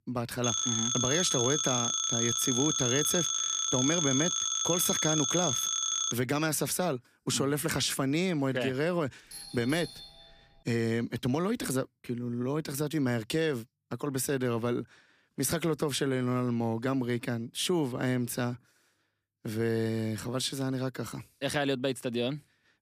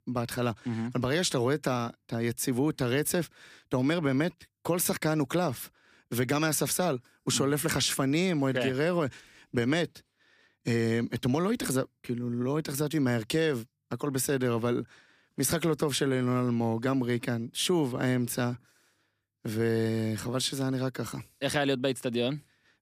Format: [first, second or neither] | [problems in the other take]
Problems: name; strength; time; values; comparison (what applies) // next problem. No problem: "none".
second | phone ringing; loud; until 6 s; peak 4 dB above the speech // doorbell; faint; from 9.5 to 11 s; peak 10 dB below the speech